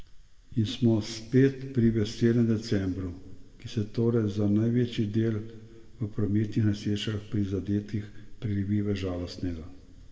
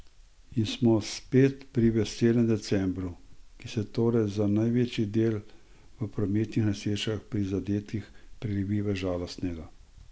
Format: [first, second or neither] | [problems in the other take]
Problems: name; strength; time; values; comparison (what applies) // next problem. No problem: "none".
second | room echo; dies away in 1.2 s